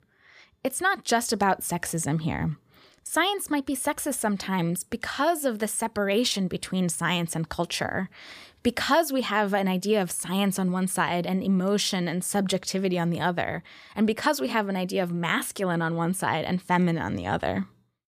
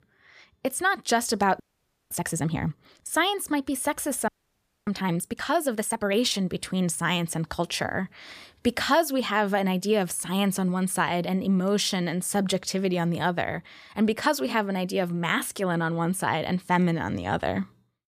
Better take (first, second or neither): first